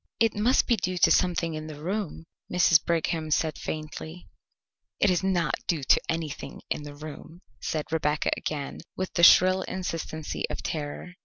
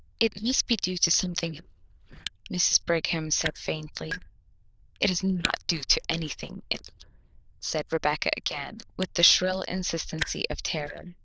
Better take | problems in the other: first | noise reduction (neural diffusion model UNIVERSE++)

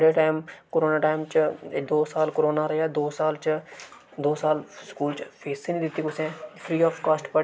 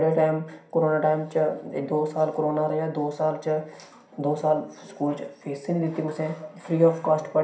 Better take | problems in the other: first | room echo; dies away in 0.5 s

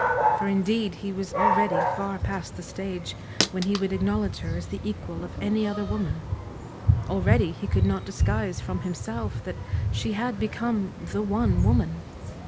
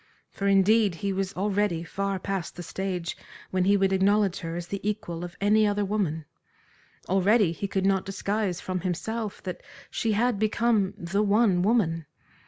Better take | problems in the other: second | background sound (Dog); 1 dB above the speech

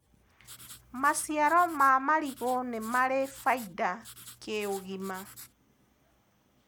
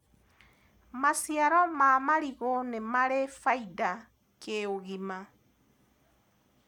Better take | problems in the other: second | background sound (Writing); 19 dB below the speech

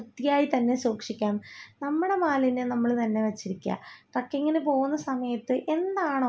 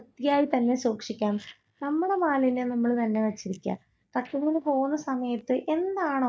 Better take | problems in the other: first | noise reduction (neural mask model DeepFilterNet 3)

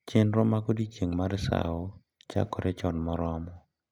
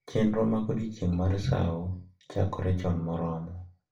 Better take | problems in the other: first | room echo; dies away in 0.3 s

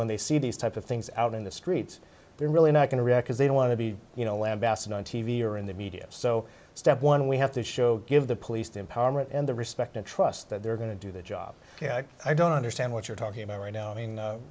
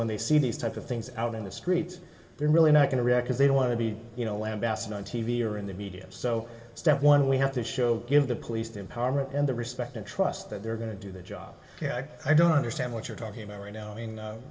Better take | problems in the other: first | room echo; dies away in 1.6 s

